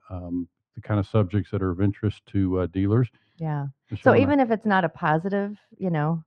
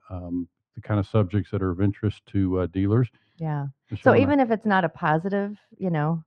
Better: neither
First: muffled; very; fading above 1.5 kHz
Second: muffled; very; fading above 1.5 kHz

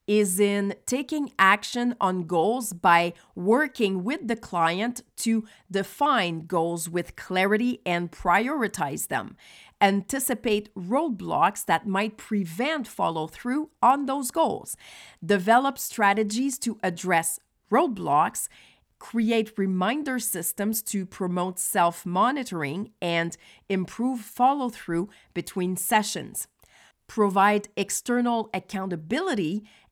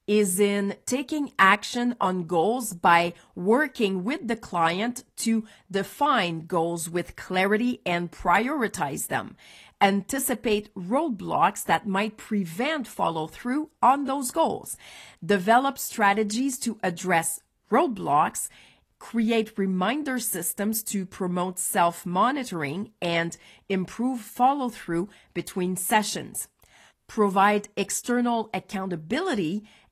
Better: first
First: none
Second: garbled, watery; slightly; nothing above 12.5 kHz

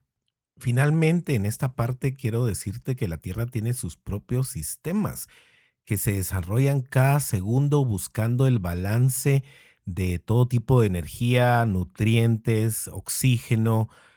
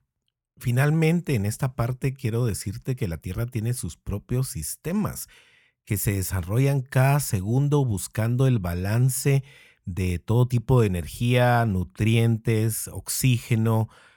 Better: second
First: garbled, watery; slightly; nothing above 17.5 kHz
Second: none

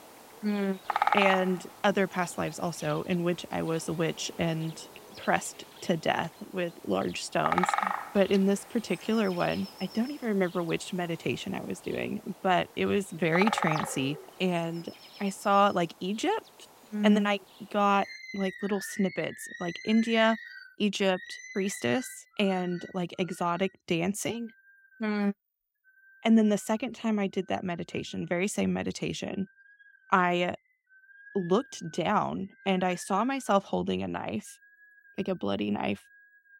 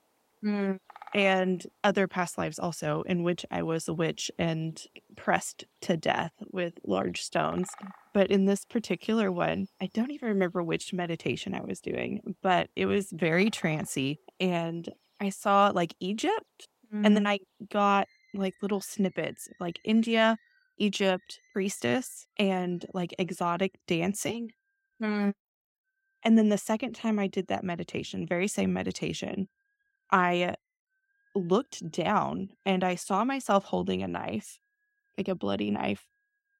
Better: second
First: animal sounds; loud; throughout; 8 dB below the speech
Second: animal sounds; faint; throughout; 30 dB below the speech

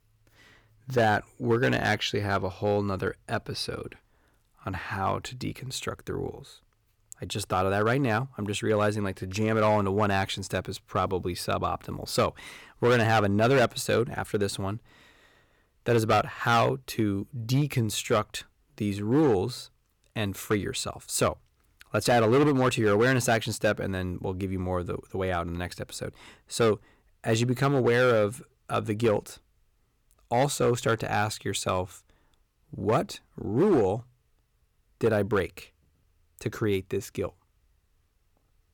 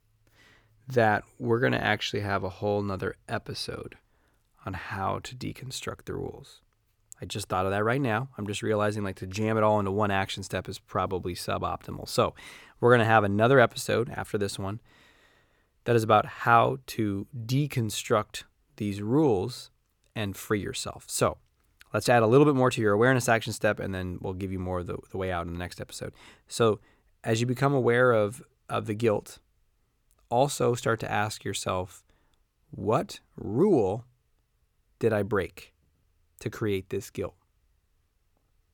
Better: second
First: distortion; slight; 3% of the sound clipped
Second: none

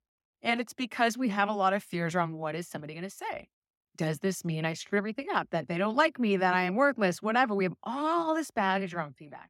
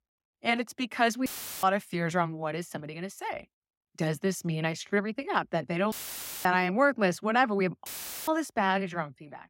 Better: first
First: none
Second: audio cutting out; filled with static; at 1.5 s, at 6 s for 0.5 s and at 8 s

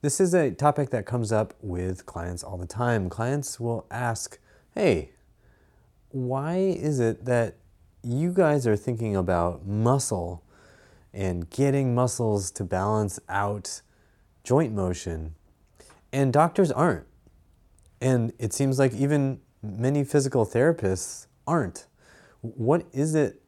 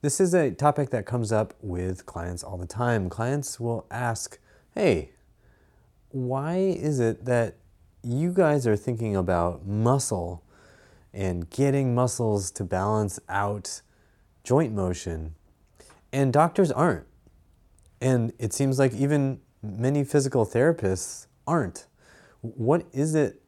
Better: neither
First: none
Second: none

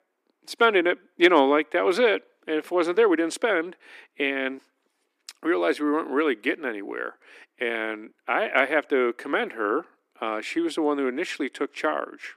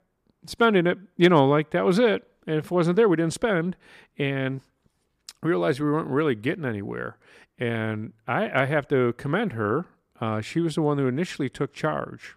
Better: second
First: thin; somewhat; fading below 300 Hz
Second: none

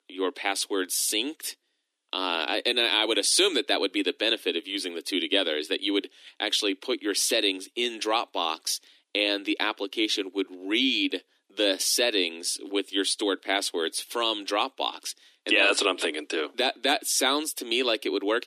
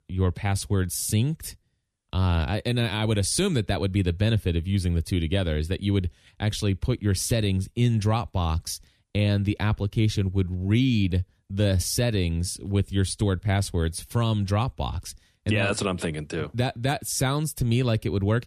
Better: second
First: thin; very; fading below 300 Hz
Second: none

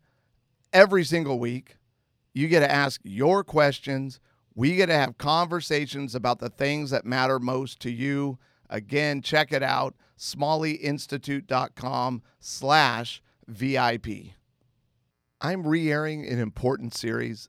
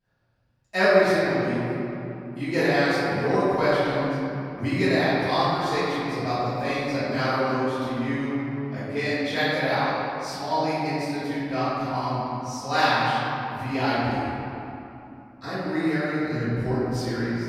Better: first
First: none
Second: off-mic speech; far // room echo; strong; dies away in 2.8 s

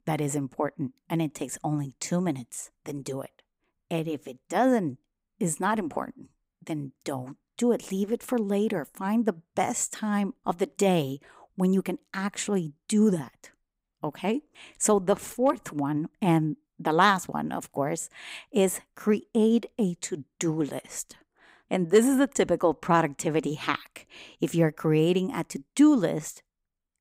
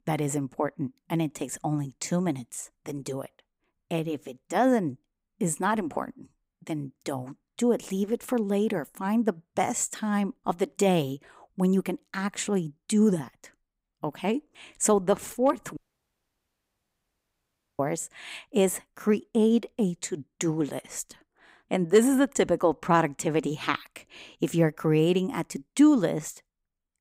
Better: first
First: none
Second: audio cutting out; at 16 s for 2 s

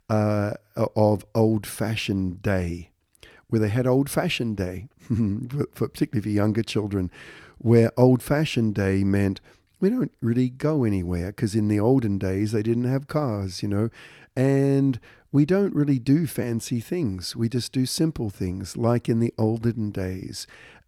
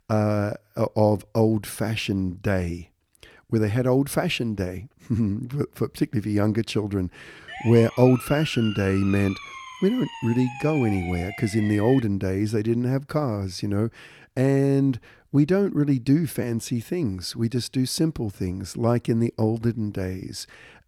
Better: first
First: none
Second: siren; noticeable; from 7.5 to 12 s; peak 10 dB below the speech

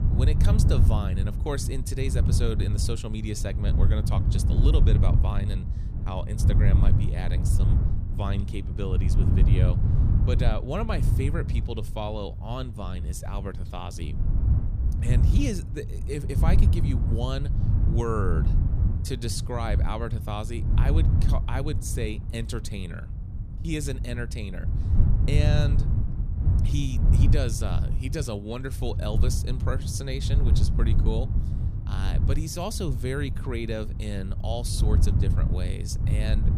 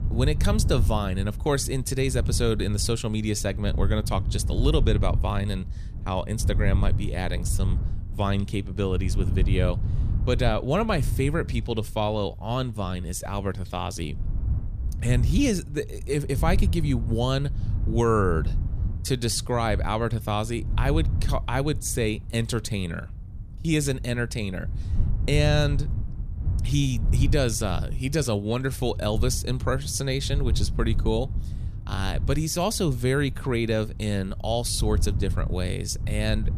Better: second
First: wind noise on the microphone; heavy; 5 dB below the speech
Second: wind noise on the microphone; occasional gusts; 15 dB below the speech

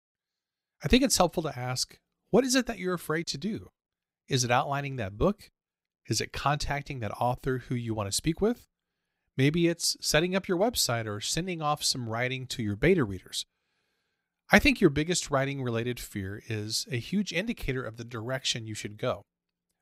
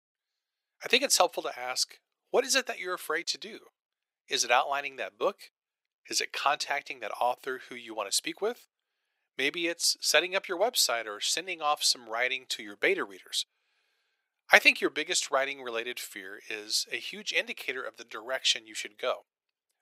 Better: first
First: none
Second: thin; very; fading below 450 Hz

